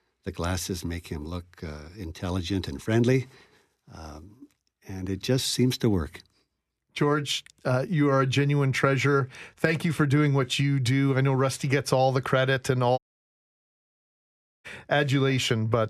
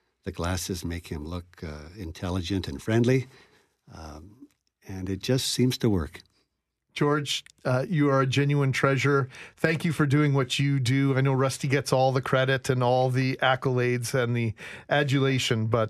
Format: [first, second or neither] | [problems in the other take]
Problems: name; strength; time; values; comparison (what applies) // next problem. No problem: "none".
second | audio cutting out; at 13 s for 1.5 s